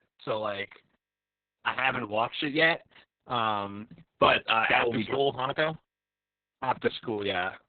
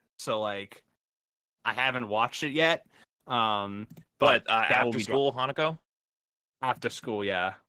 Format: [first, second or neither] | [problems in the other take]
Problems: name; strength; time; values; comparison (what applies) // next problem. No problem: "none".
second | garbled, watery; badly; nothing above 4 kHz; slightly in the second